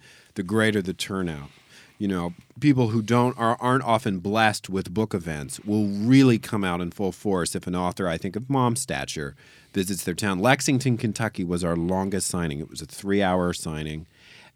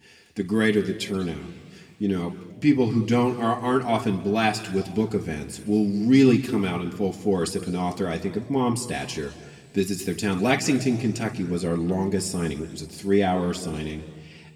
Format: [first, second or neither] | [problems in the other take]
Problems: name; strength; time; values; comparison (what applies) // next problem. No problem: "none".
first | room echo; slight; dies away in 1.4 s // off-mic speech; somewhat distant